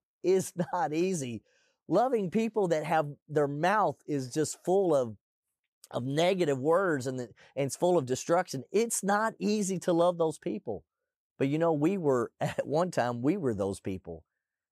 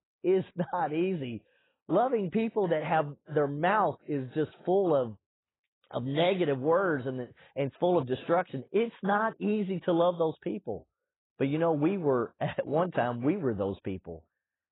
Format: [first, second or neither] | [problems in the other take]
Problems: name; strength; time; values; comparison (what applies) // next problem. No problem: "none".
first | garbled, watery; badly; nothing above 4 kHz